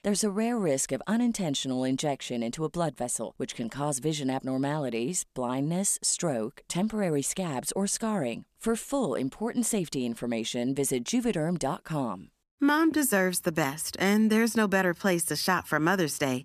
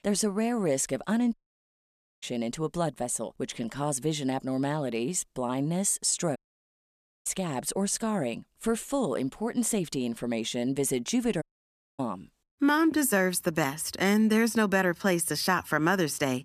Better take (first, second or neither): first